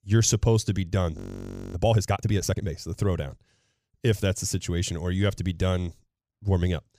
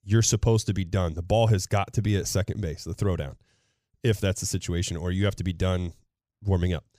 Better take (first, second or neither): second